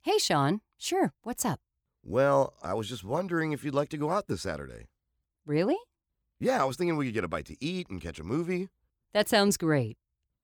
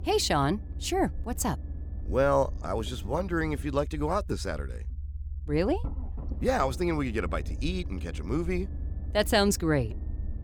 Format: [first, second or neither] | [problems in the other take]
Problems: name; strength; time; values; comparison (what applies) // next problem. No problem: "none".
first | low rumble; faint; throughout; 25 dB below the speech